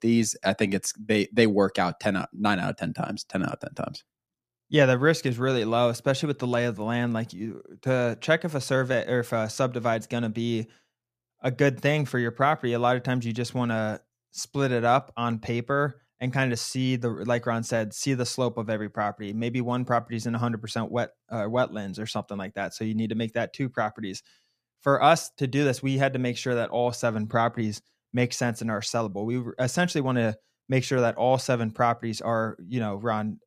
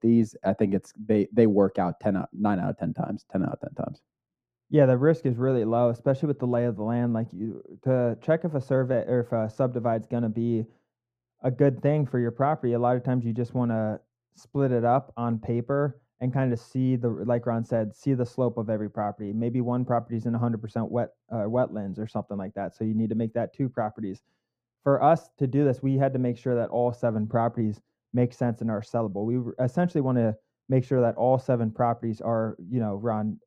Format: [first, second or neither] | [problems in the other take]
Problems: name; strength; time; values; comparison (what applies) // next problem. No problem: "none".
first | muffled; very; fading above 1.5 kHz